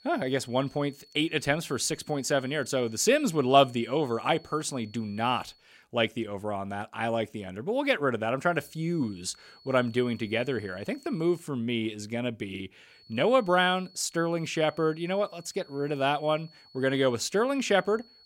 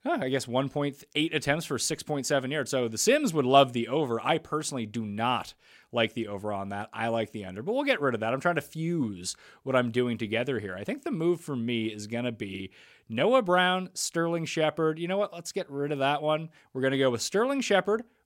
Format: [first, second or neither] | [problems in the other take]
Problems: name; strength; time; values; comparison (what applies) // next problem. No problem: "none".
second | high-pitched whine; faint; until 5.5 s, from 8.5 to 11 s and from 13 s on; 4.5 kHz, 25 dB below the speech